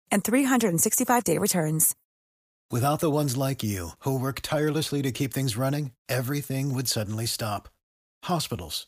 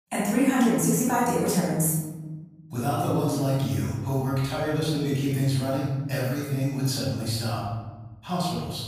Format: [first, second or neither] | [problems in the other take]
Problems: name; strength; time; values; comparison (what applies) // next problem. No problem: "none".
first | room echo; strong; dies away in 1.4 s // off-mic speech; far